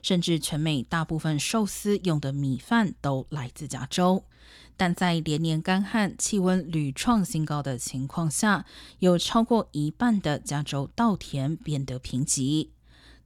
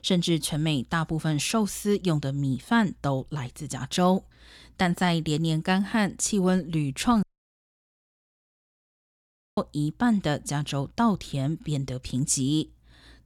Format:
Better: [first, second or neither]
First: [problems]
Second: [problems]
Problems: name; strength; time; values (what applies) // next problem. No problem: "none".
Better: first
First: none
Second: audio cutting out; at 7 s for 2.5 s